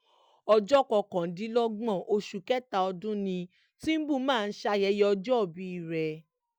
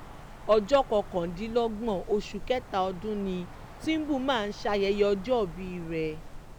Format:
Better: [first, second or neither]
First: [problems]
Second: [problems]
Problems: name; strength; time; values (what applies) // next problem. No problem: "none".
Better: first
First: none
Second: background sound (Wind); 13 dB below the speech